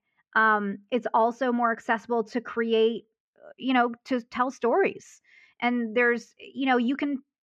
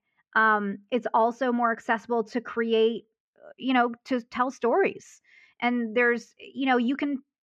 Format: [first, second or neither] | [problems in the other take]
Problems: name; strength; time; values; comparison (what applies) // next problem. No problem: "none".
neither | muffled; very; fading above 2 kHz; the same in both